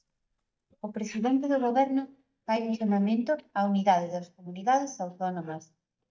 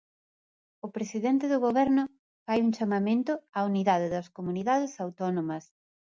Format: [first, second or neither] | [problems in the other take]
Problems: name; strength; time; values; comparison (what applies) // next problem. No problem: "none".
second | noise reduction (neural mask model DeepFilterNet 3)